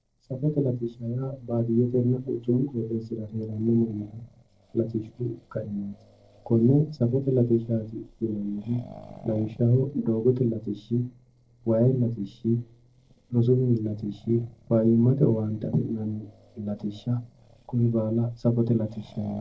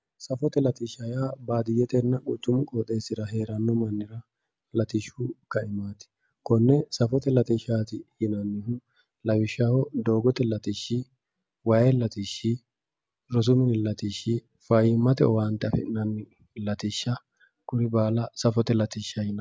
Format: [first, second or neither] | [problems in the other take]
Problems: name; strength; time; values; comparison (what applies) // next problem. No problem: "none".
second | noise reduction (neural separator model SepFormer DNS4)